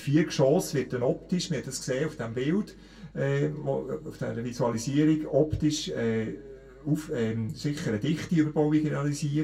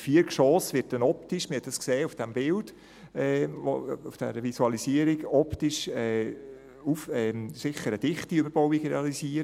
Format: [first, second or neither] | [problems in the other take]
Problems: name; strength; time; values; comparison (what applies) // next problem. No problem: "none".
second | room echo; dies away in 0.1 s